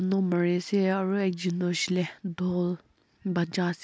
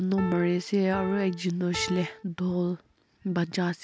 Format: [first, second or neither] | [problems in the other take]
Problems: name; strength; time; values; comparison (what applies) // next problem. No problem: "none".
first | background sound (Piano); 10 dB below the speech